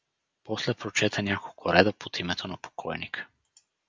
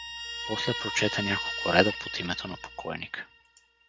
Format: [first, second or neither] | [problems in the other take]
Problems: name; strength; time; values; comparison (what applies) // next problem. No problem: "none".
first | background sound (Guitar); 5 dB below the speech